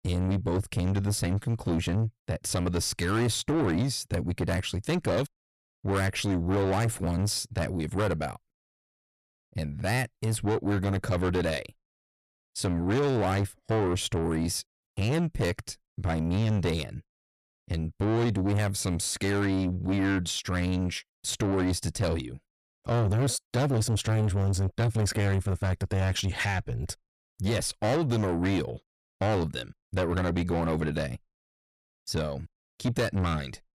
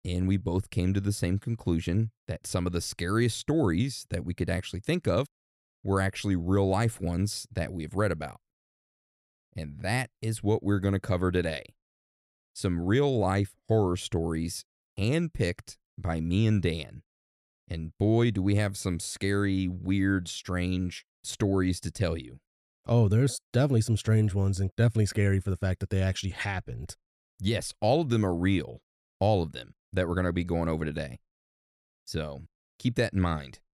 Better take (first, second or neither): second